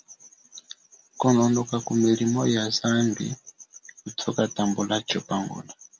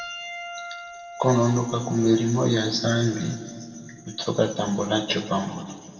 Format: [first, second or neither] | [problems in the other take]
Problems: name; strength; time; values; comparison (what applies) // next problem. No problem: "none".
first | background sound (Piano); 17 dB below the speech // room echo; dies away in 2.4 s